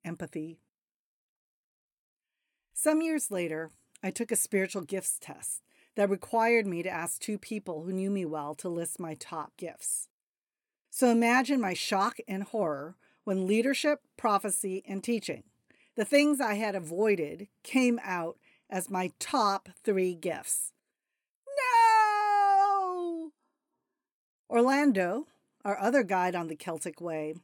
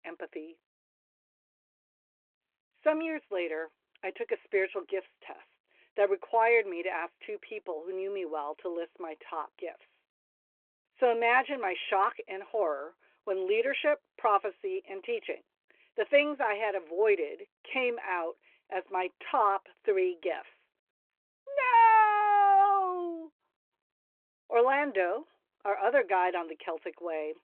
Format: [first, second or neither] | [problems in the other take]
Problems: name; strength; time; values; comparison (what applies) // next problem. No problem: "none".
first | phone-call audio